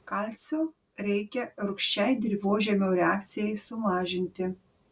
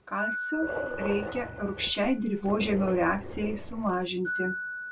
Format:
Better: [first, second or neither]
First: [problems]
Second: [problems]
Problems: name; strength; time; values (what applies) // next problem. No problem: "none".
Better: first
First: none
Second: background sound (Glockenspiel + Dog); 6 dB below the speech